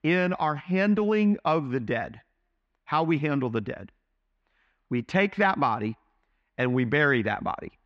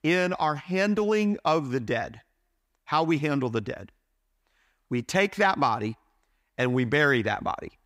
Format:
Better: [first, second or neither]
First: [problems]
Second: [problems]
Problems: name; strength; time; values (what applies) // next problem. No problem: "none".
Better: second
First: muffled; slightly; fading above 2.5 kHz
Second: none